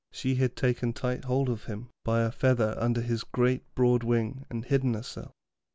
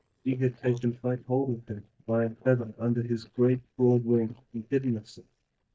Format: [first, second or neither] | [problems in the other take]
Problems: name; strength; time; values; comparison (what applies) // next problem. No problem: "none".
first | noise reduction (neural mask model DeepFilterNet 3)